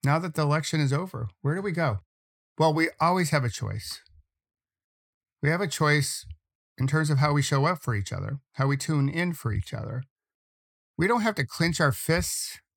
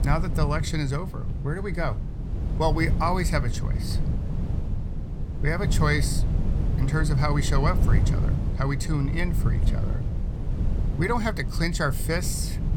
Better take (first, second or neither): first